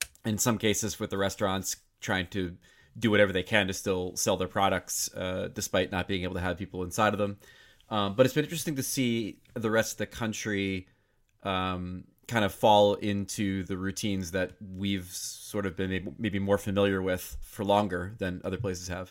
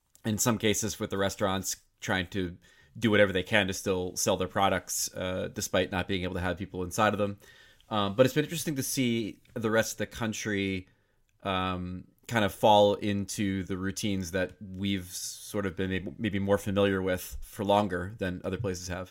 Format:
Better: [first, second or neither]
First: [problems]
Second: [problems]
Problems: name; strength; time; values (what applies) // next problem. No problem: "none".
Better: second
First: keyboard typing; very faint; at the start; peak 8 dB below the speech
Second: none